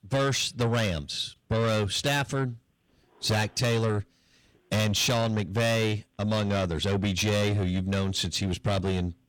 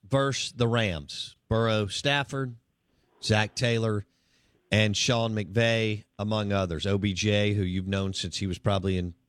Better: second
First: distortion; heavy; 7 dB below the speech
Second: none

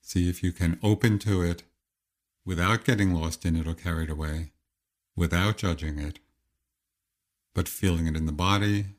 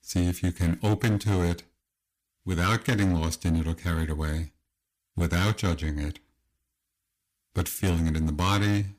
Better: first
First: none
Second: distortion; slight; 7% of the sound clipped

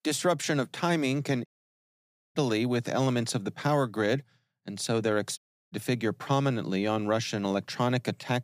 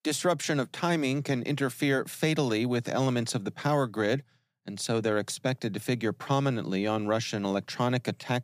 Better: second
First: audio cutting out; at 1.5 s for 1 s and at 5.5 s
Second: none

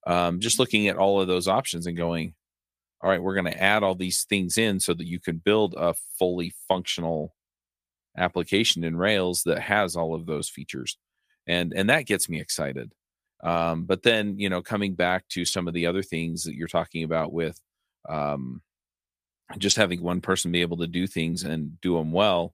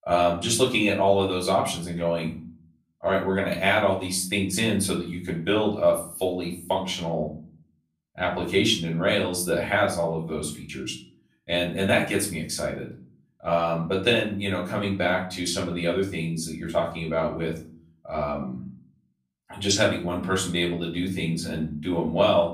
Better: first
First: none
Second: off-mic speech; far // room echo; slight; dies away in 0.4 s

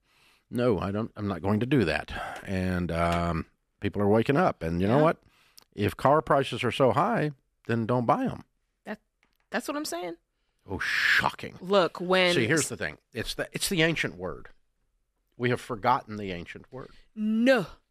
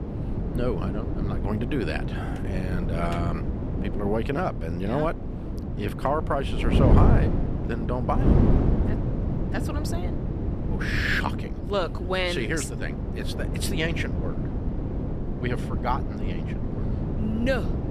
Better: first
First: none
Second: wind noise on the microphone; heavy; 5 dB below the speech

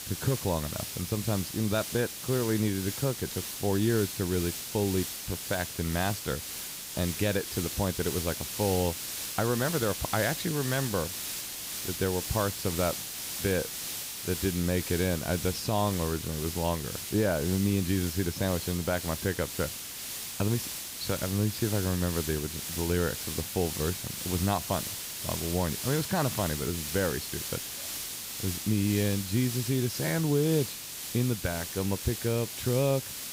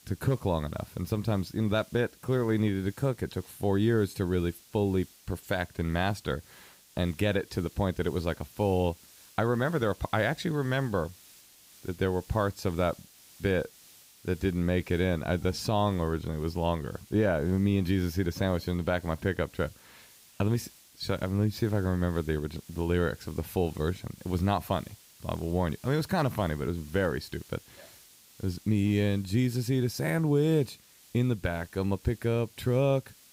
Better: second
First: hiss; loud; throughout; 4 dB below the speech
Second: hiss; faint; throughout; 25 dB below the speech

